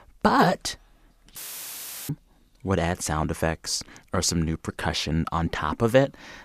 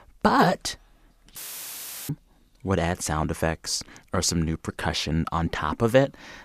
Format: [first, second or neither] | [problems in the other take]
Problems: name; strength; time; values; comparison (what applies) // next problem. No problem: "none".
neither | audio cutting out; filled with static; at 1.5 s for 0.5 s; the same in both